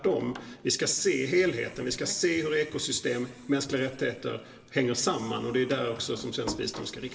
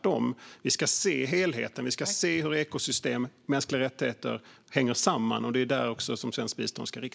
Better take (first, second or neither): second